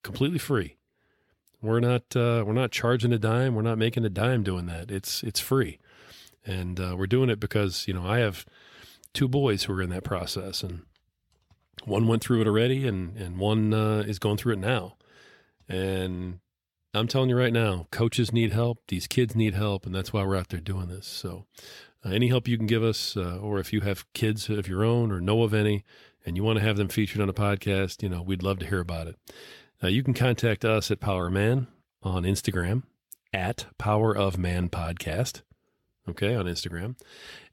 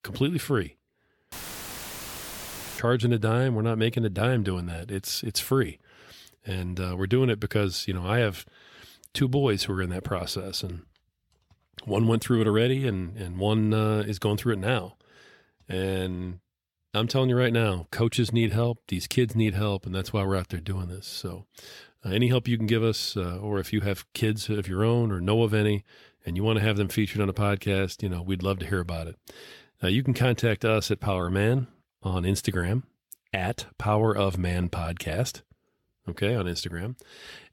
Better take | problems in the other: first | audio cutting out; filled with static; at 1.5 s for 1.5 s

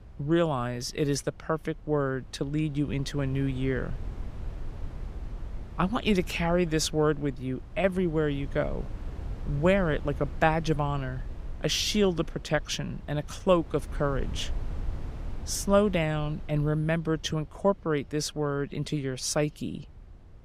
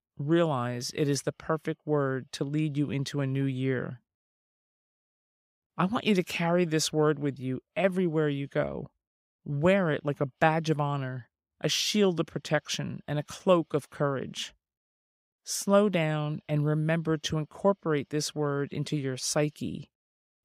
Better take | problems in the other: second | wind noise on the microphone; occasional gusts; 20 dB below the speech

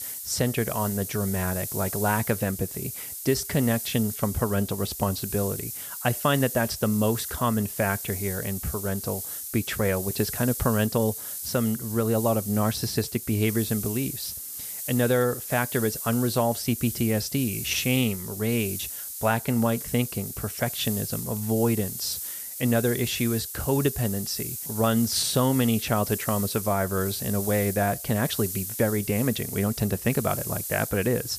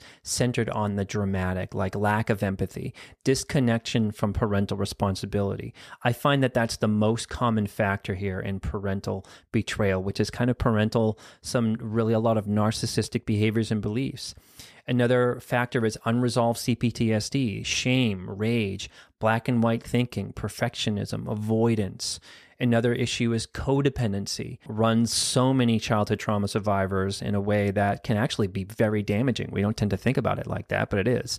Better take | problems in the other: second | hiss; loud; throughout; 6 dB below the speech

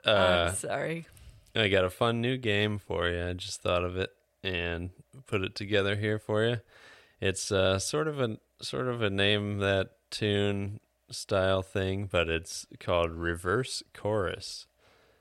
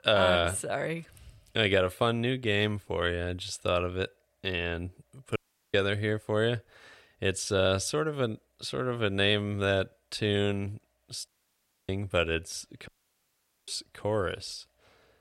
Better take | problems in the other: first | audio cutting out; at 5.5 s, at 11 s for 0.5 s and at 13 s for 1 s

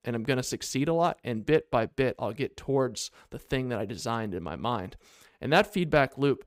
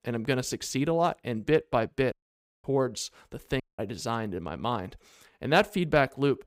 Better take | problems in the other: first | audio cutting out; at 2 s for 0.5 s and at 3.5 s

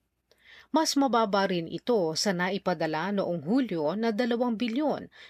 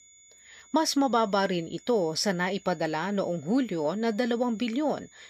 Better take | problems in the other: first | high-pitched whine; faint; throughout; 7 kHz, 25 dB below the speech

